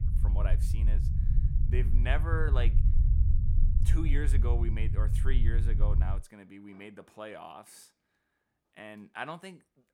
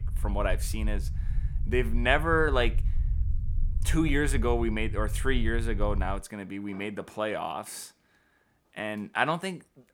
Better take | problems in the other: second | low rumble; loud; until 6 s; 6 dB below the speech; faint in the second

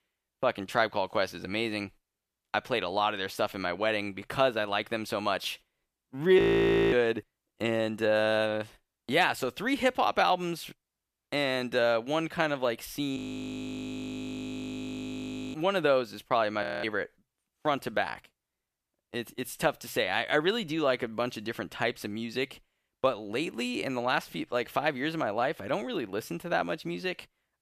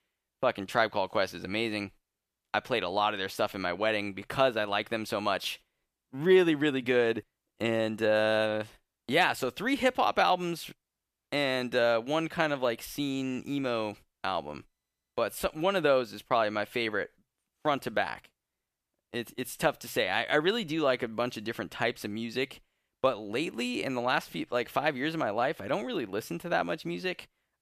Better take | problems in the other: second | audio freezing; at 6.5 s for 0.5 s, at 13 s for 2.5 s and at 17 s

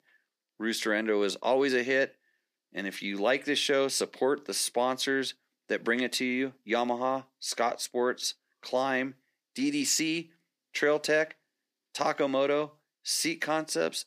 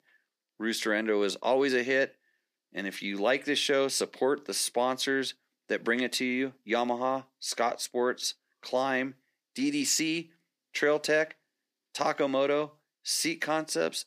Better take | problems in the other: neither | thin; somewhat; fading below 300 Hz; the same in both

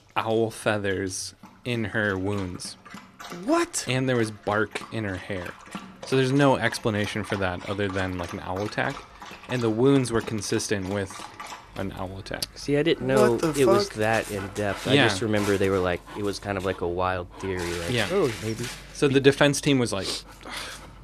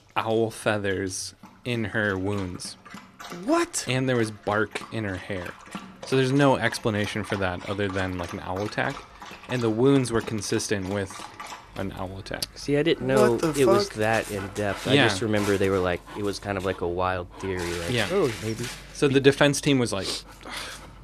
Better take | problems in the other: neither | animal sounds; noticeable; throughout; 15 dB below the speech; the same in both

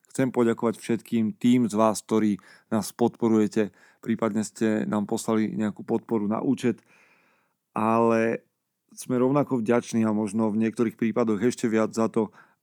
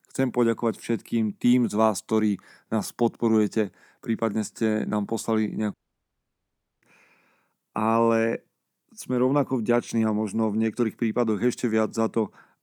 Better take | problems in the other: first | audio cutting out; at 5.5 s for 1 s

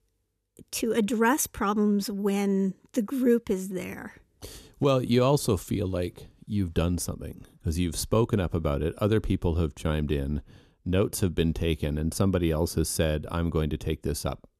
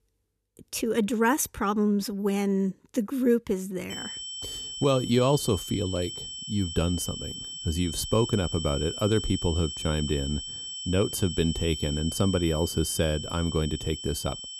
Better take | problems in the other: first | high-pitched whine; loud; from 4 s on; 3 kHz, 7 dB below the speech

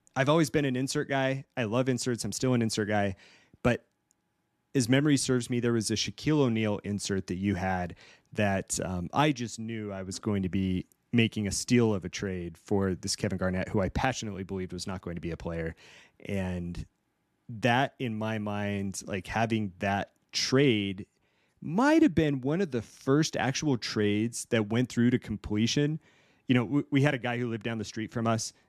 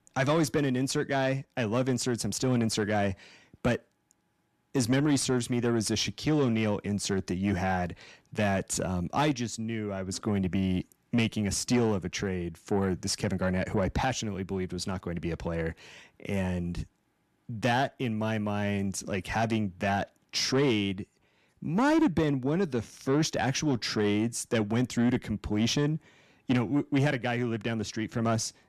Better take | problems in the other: first | distortion; slight; 10 dB below the speech

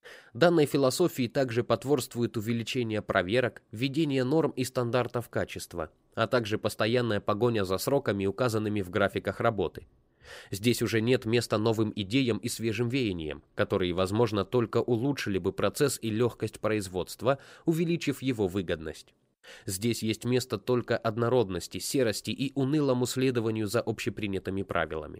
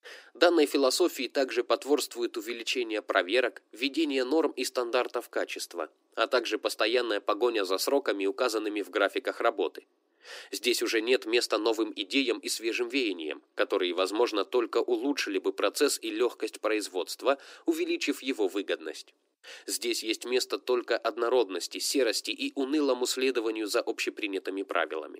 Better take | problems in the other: first | thin; somewhat; fading below 300 Hz

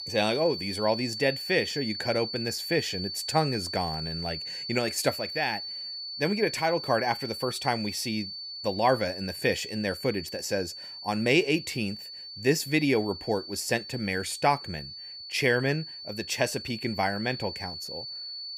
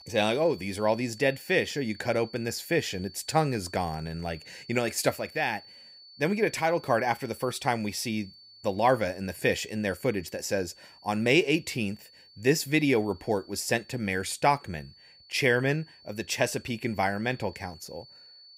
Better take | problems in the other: second | high-pitched whine; loud; throughout; 4.5 kHz, 7 dB below the speech; faint in the second

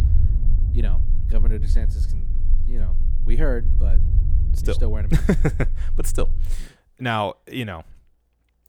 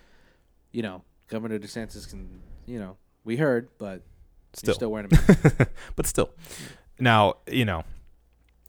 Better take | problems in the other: second | low rumble; noticeable; until 6.5 s; 15 dB below the speech

